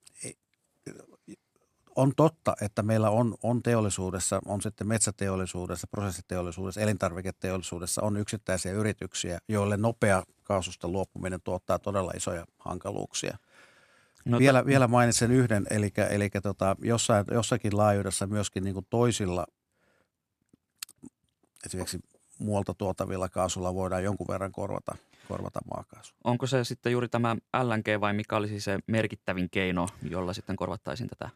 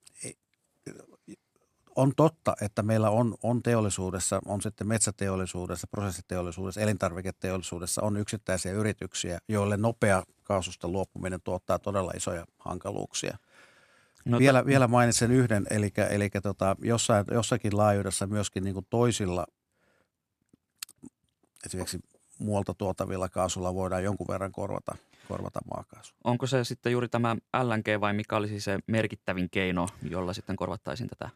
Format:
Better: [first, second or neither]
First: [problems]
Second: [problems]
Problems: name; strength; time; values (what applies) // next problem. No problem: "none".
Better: neither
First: none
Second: none